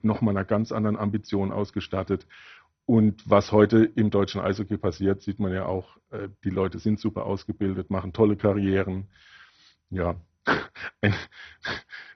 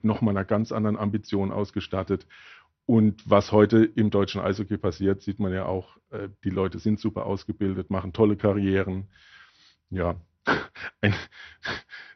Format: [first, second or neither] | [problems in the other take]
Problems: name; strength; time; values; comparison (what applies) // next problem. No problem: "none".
second | garbled, watery; badly; nothing above 6 kHz; slightly in the second